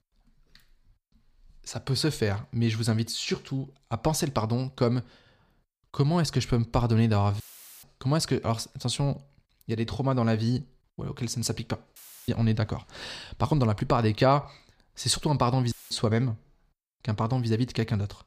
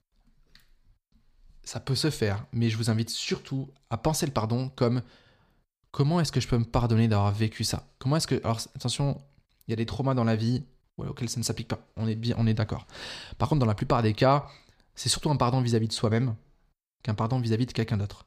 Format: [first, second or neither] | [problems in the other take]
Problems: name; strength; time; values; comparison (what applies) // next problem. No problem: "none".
second | audio cutting out; filled with static; at 7.5 s, at 12 s and at 16 s